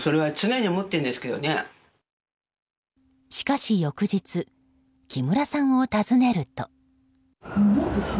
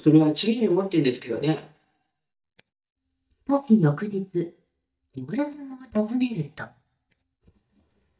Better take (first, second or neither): first